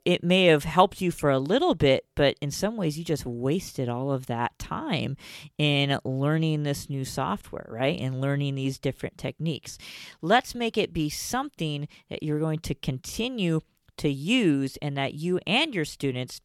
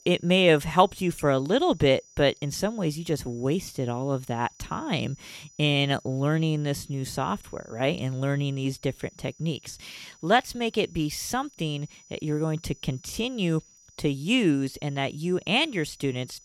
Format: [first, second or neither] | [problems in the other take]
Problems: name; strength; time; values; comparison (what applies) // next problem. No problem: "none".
first | high-pitched whine; faint; throughout; 6 kHz, 25 dB below the speech